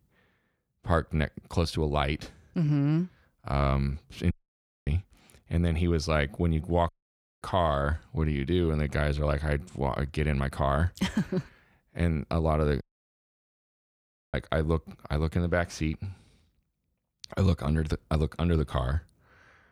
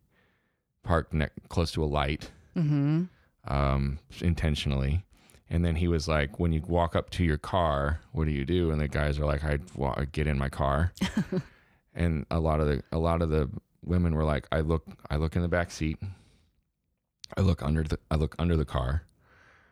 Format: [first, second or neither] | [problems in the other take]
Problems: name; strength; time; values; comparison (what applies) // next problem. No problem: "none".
second | audio cutting out; at 4.5 s for 0.5 s, at 7 s for 0.5 s and at 13 s for 1.5 s